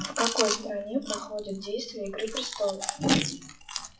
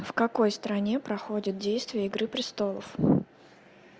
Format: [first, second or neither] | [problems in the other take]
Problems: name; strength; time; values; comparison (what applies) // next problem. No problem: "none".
second | noise reduction (classical method WPE with log-MMSE)